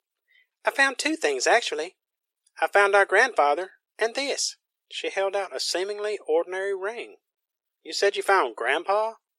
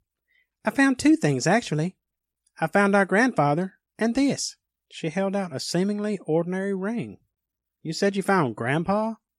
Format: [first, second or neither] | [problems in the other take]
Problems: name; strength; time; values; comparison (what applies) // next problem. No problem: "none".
second | thin; very; fading below 400 Hz